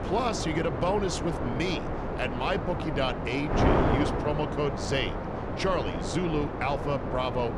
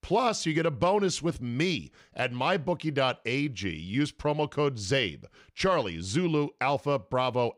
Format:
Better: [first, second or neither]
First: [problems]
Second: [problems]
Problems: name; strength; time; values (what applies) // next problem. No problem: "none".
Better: second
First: wind noise on the microphone; heavy; 1 dB below the speech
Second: none